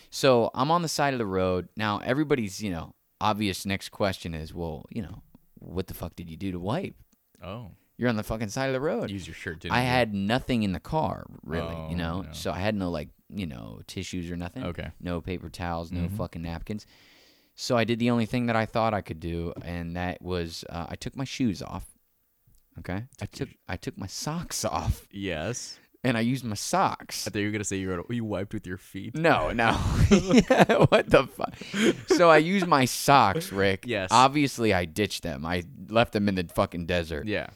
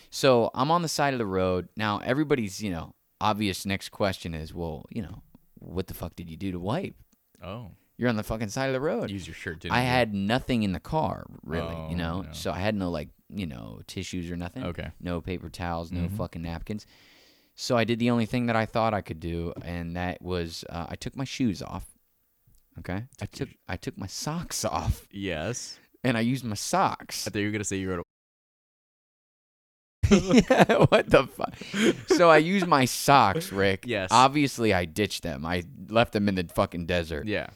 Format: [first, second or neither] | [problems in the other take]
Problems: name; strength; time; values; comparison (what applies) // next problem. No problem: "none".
first | audio cutting out; at 28 s for 2 s